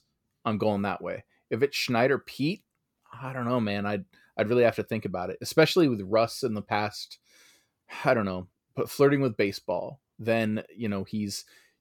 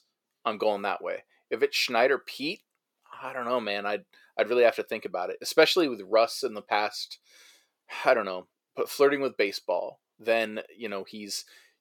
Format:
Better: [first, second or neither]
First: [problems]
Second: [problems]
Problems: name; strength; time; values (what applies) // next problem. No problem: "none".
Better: first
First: none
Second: thin; somewhat; fading below 450 Hz